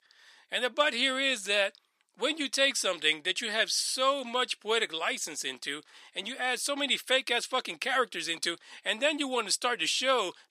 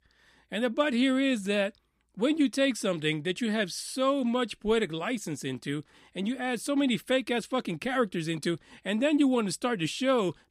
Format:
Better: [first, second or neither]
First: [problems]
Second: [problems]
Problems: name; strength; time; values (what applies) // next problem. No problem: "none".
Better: second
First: thin; somewhat; fading below 650 Hz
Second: none